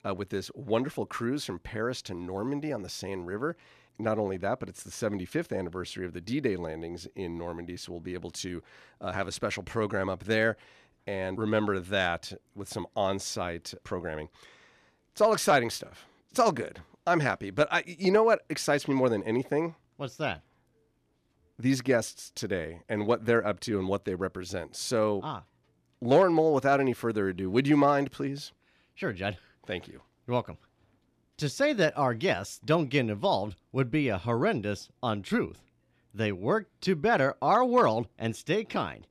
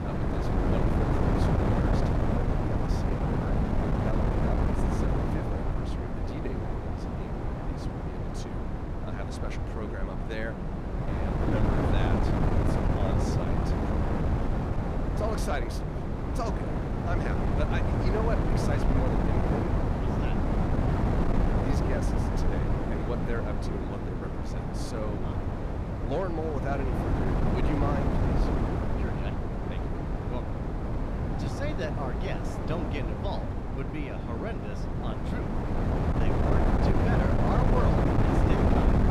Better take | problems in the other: first | wind noise on the microphone; heavy; 5 dB above the speech

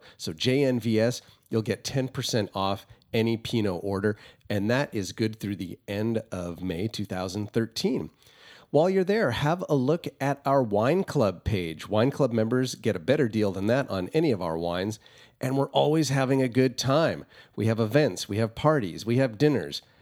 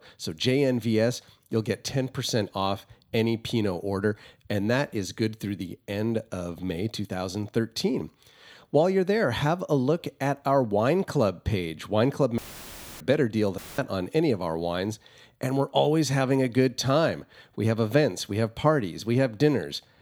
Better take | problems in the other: first | audio cutting out; filled with static; at 12 s for 0.5 s and at 14 s

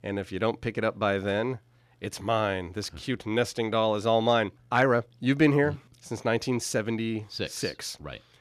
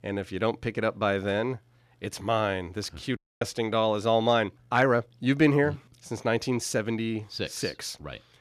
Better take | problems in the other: first | audio cutting out; at 3 s

